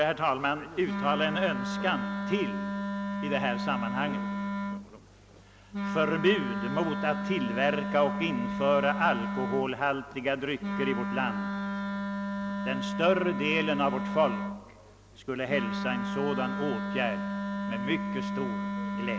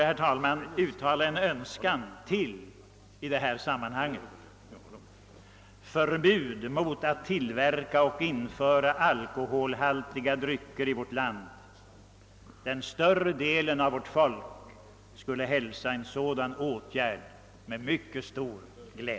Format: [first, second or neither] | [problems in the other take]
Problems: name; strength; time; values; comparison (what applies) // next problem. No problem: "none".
second | background sound (Wind instrument, woodwind instrument); 2 dB below the speech